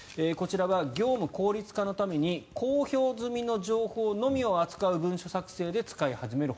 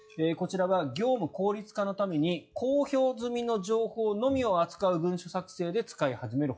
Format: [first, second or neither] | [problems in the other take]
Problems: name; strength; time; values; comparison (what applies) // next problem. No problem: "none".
first | noise reduction (classical method log-MMSE)